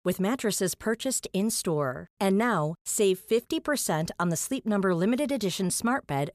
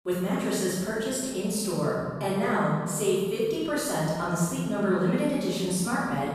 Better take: first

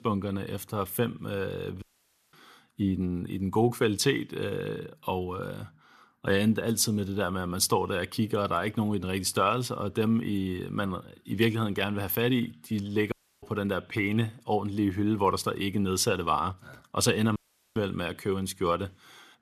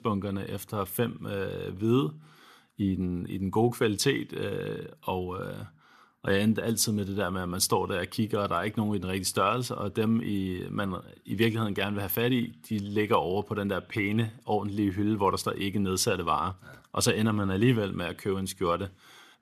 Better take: second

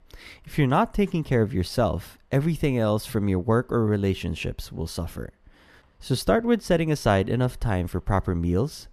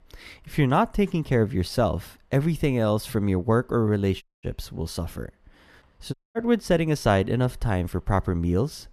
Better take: first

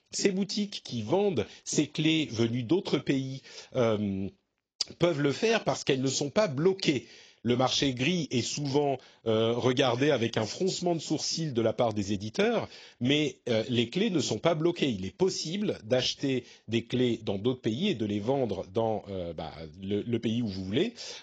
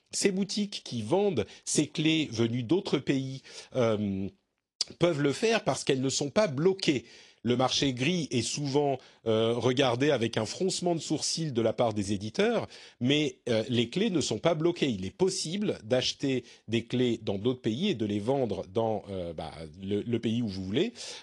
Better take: second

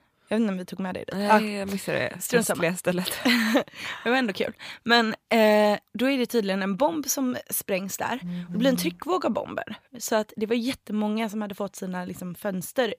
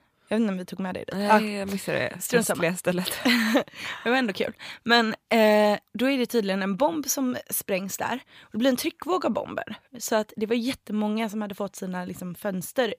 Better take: second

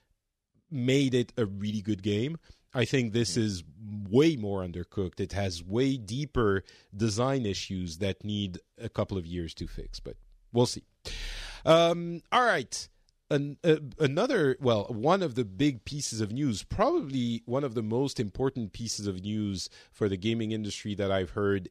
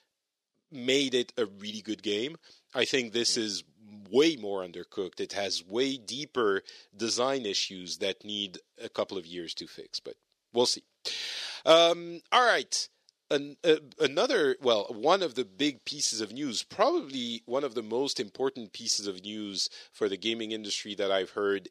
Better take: first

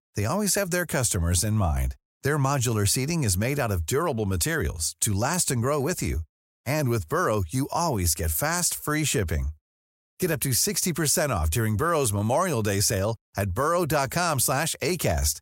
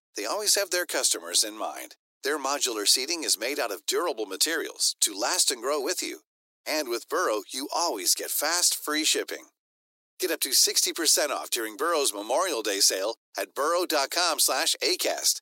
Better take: first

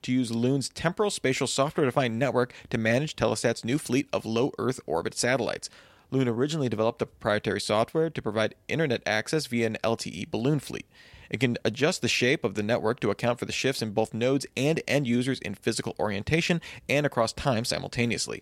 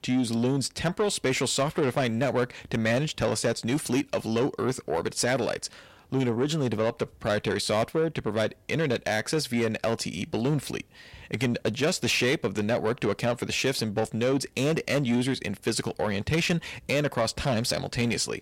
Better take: first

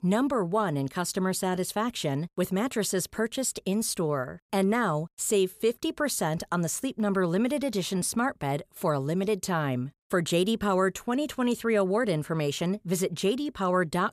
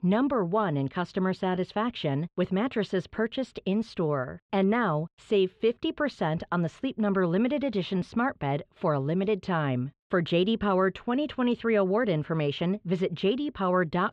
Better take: first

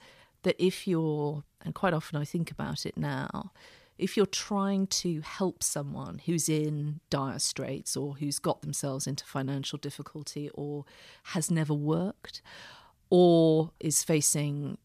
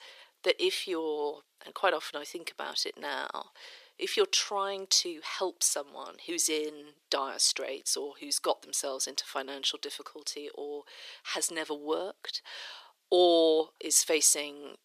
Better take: first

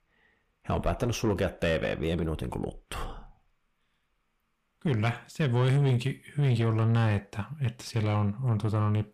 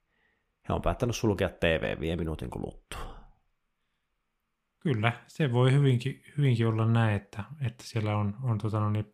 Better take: second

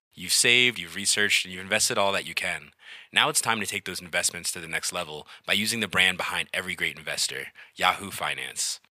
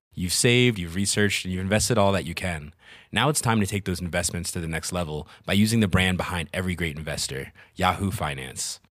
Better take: second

